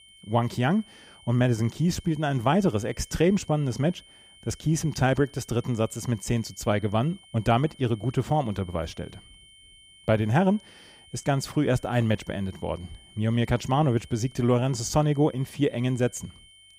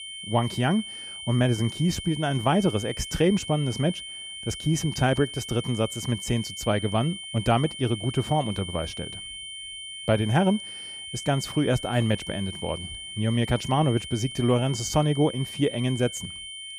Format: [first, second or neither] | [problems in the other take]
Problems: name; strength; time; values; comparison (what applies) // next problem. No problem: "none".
first | high-pitched whine; loud; throughout; 3 kHz, 10 dB below the speech; faint in the first